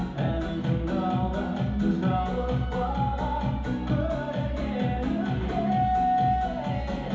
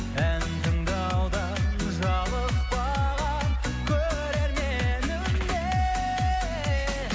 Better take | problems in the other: second | room echo; dies away in 2.2 s

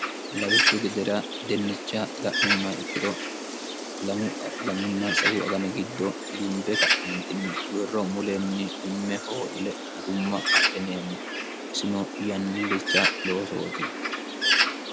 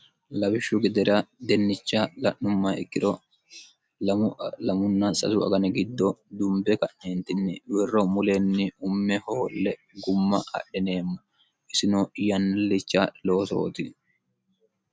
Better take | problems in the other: second | background sound (Bird); 1 dB above the speech

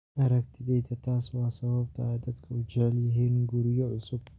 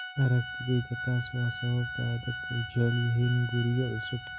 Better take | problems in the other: first | background sound (Organ); 9 dB below the speech

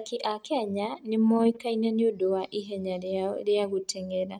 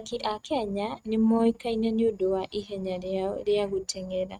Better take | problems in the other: first | noise reduction (neural mask model RNNoise)

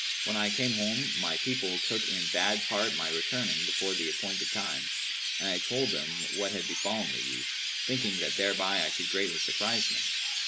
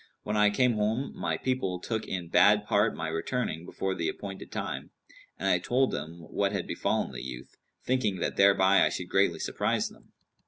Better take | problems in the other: second | background sound (Chirp, tweet); 3 dB above the speech

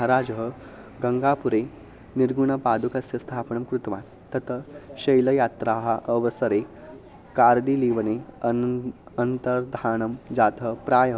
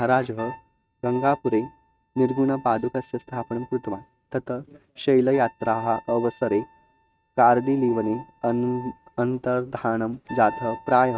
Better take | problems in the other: first | noise reduction (neural mask model RNNoise)

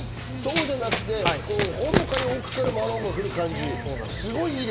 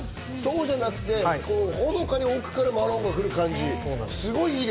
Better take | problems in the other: second | background sound (Run); 3 dB below the speech

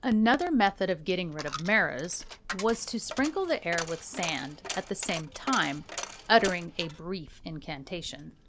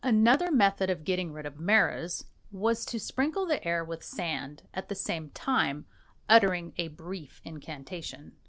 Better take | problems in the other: second | background sound (Coin (dropping)); 13 dB below the speech

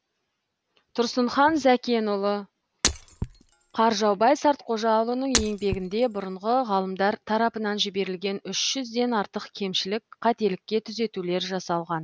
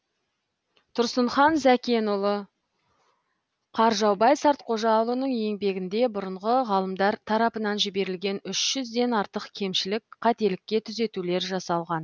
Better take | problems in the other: second | background sound (Shatter); 6 dB below the speech

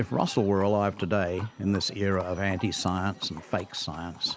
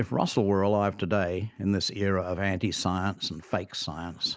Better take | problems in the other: second | background sound (Livestock, farm animals, working animals); 20 dB below the speech

